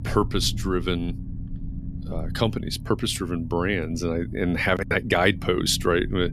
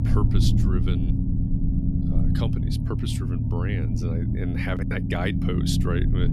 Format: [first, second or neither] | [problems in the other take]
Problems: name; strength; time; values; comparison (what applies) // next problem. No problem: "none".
first | low rumble; loud; throughout; 1 dB below the speech; faint in the first